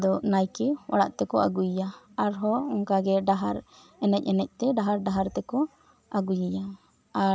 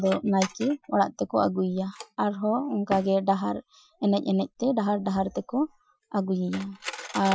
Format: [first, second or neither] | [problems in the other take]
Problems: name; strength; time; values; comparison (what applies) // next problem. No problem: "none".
first | noise reduction (classical method Wiener filter)